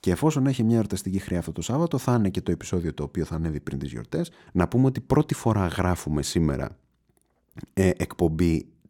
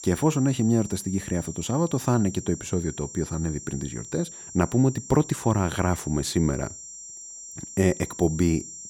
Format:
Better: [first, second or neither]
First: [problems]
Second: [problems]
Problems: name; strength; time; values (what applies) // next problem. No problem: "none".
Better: first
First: none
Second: high-pitched whine; noticeable; throughout; 7.5 kHz, 15 dB below the speech